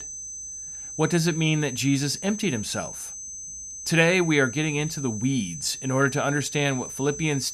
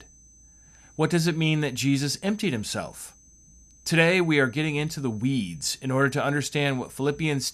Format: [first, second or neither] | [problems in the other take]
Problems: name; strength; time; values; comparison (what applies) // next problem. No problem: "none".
second | high-pitched whine; loud; throughout; 6 kHz, 10 dB below the speech; faint in the second